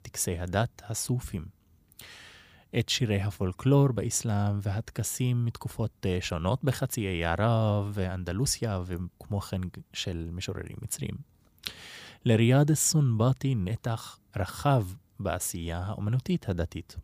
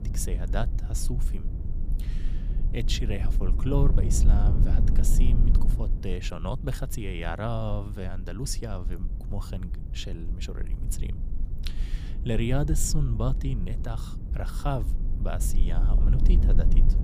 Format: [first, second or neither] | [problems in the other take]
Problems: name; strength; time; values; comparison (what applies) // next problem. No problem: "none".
first | low rumble; loud; throughout; 9 dB below the speech